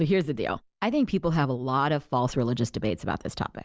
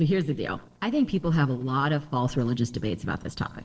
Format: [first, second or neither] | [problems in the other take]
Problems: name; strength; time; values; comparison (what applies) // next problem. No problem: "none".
first | noise reduction (neural separator model SepFormer DNS4)